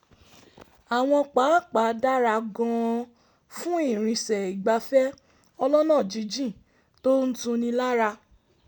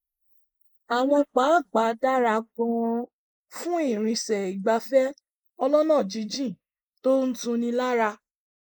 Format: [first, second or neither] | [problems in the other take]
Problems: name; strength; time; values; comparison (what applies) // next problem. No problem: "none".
first | noise reduction (neural mask model Resemble Enhance denoiser)